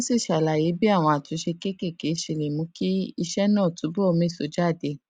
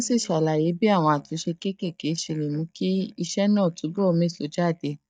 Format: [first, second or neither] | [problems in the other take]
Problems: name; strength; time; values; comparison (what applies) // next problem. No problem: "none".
first | noise reduction (neural mask model DeepFilterNet 3)